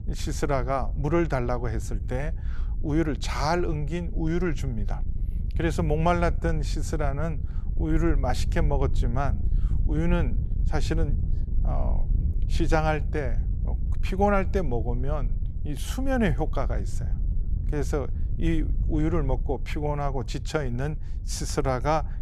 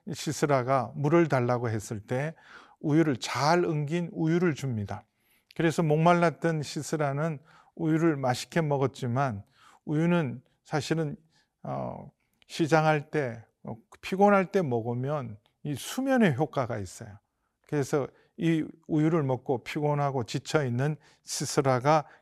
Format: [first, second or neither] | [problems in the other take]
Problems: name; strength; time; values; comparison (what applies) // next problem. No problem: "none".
second | wind noise on the microphone; occasional gusts; 20 dB below the speech